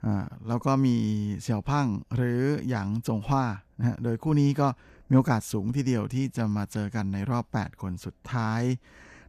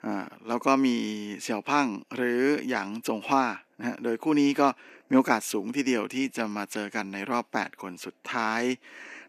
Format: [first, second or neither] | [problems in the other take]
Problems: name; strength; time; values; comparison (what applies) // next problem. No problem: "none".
first | thin; very slightly; fading below 300 Hz